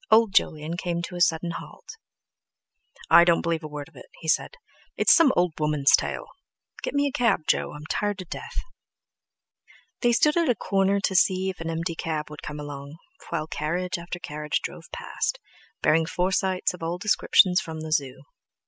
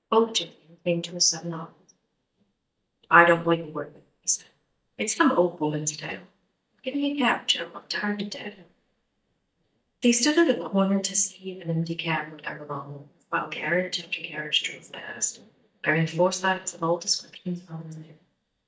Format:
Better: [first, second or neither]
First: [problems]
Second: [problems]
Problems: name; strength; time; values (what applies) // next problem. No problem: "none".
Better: first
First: none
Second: noise reduction (neural mask model DeepFilterNet 3)